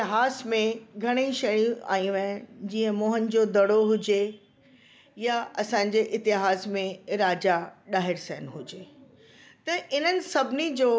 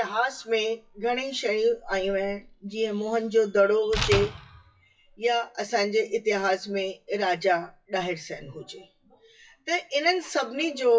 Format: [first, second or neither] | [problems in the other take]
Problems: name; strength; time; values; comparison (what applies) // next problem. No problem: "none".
first | noise reduction (classical method WPE with log-MMSE)